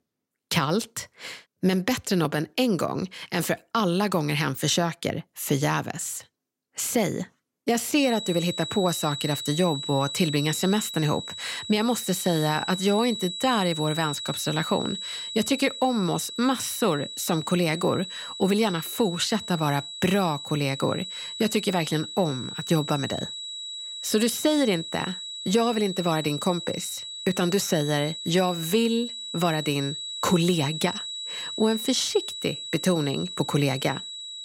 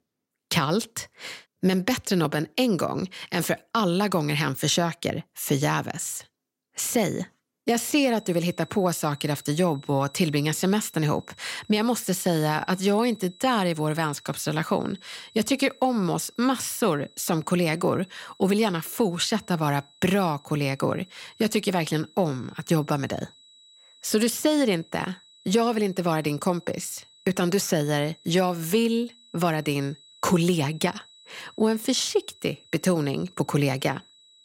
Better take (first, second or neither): second